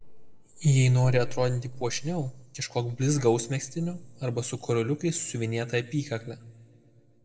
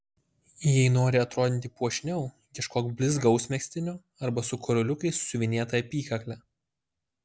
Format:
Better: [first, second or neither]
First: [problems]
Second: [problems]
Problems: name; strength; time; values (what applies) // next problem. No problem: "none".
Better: second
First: noise reduction (neural separator model SepFormer DNS4)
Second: none